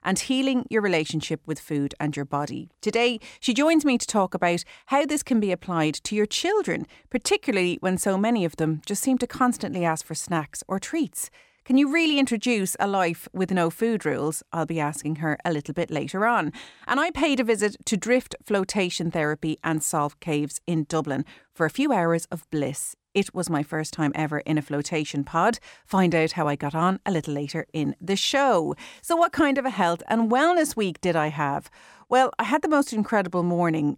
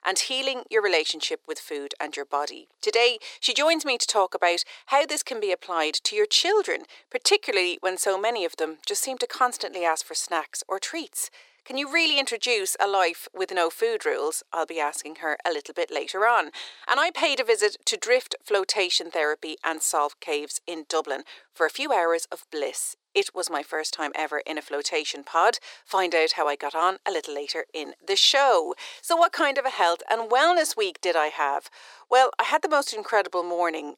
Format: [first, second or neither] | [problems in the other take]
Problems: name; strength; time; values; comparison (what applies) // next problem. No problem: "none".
first | thin; very; fading below 400 Hz